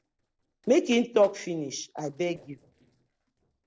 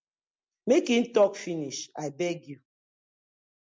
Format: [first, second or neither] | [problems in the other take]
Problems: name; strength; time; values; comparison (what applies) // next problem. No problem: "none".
second | noise reduction (neural separator model SepFormer DNS4)